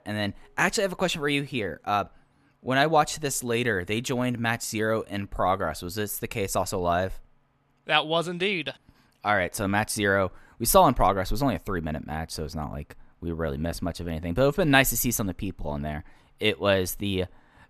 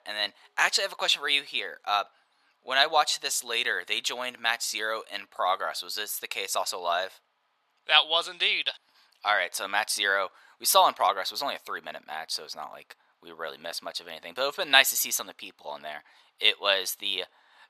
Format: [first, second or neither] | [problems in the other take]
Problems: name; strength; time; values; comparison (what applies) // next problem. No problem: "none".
first | thin; very; fading below 850 Hz